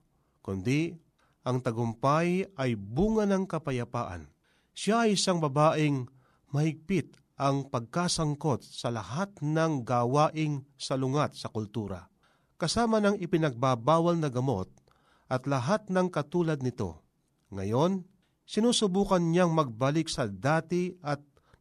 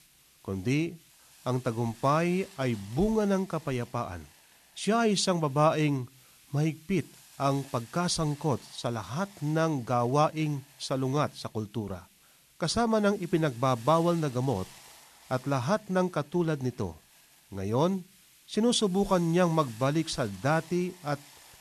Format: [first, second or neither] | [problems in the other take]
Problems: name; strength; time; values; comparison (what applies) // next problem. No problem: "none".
first | hiss; faint; throughout; 25 dB below the speech